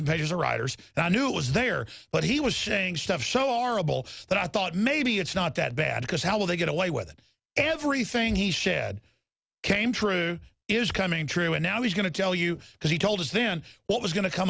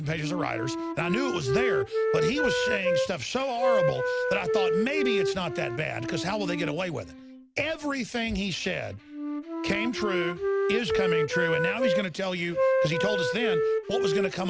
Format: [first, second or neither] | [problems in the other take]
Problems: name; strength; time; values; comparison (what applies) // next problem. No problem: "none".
first | background sound (Wind instrument, woodwind instrument); 2 dB above the speech